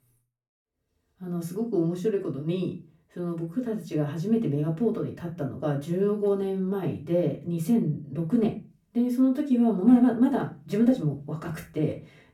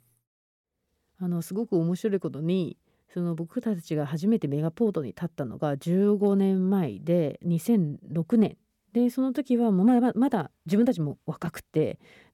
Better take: second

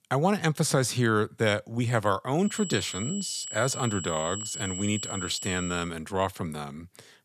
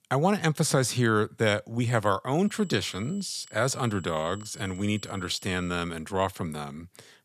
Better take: second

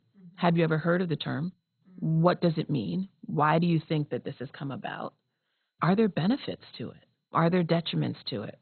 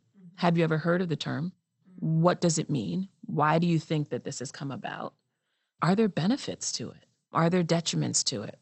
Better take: second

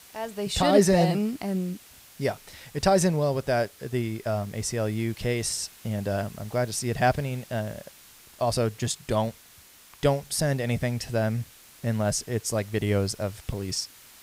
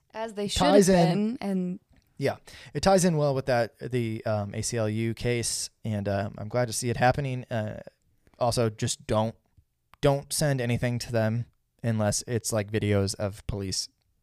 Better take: second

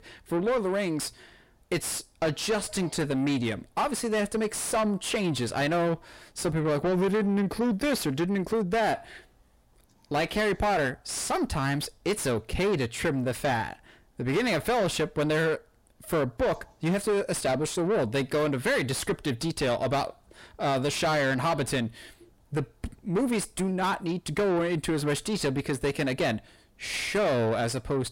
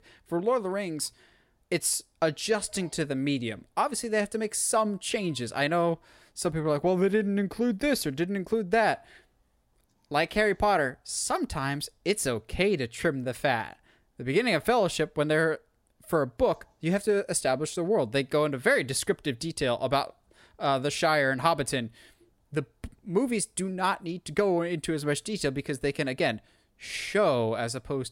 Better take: second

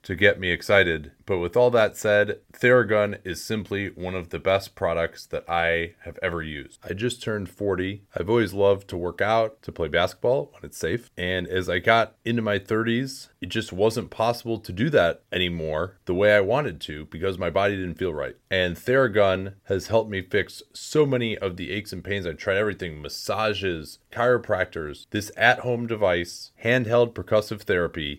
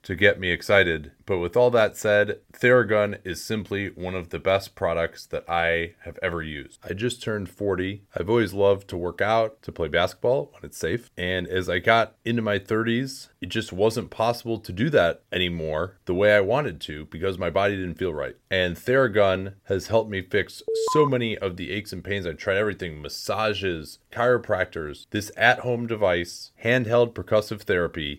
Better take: first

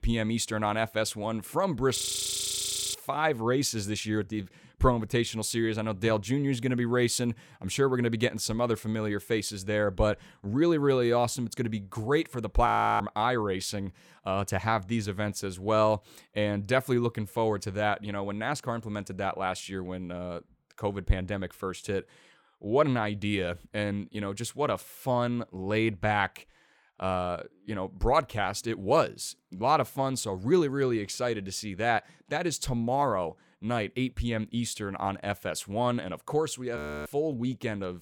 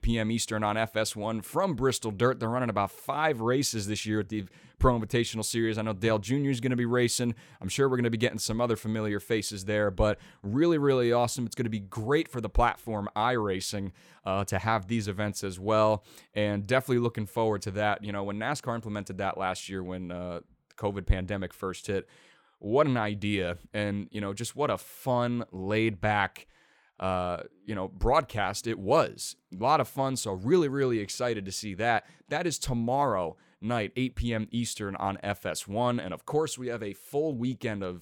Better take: second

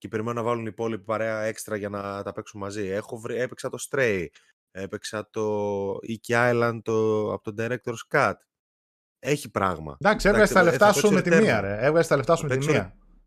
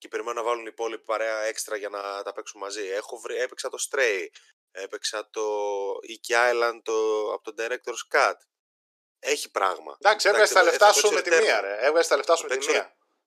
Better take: first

